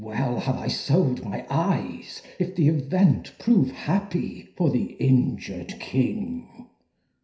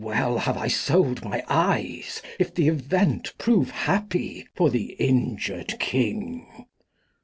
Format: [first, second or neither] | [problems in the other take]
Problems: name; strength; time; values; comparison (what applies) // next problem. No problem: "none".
second | room echo; dies away in 0.5 s